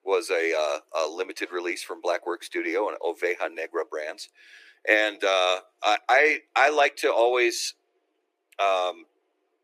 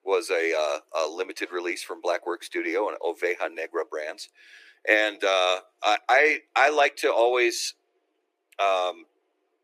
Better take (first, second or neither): neither